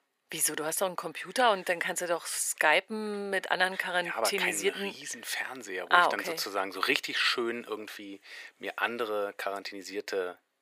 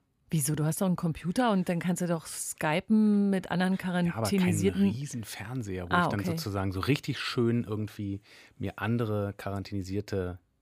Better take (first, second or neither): second